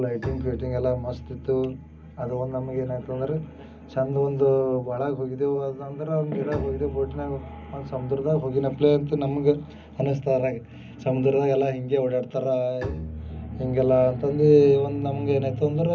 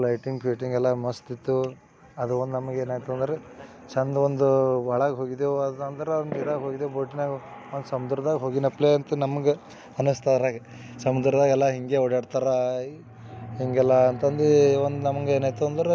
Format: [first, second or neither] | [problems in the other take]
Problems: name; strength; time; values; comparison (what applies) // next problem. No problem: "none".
second | background sound (Bowed string instrument); 17 dB below the speech // room echo; dies away in 0.4 s